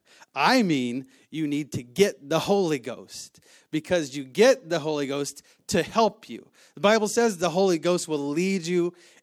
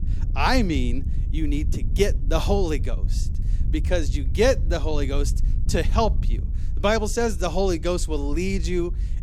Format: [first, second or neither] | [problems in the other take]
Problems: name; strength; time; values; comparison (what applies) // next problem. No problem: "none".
first | wind noise on the microphone; occasional gusts; 20 dB below the speech